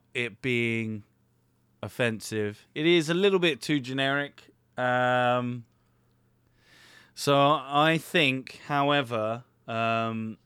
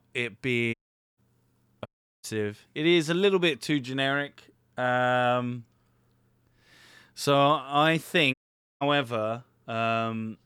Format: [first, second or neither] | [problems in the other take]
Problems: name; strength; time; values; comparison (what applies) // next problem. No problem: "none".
first | audio cutting out; at 0.5 s, at 2 s and at 8.5 s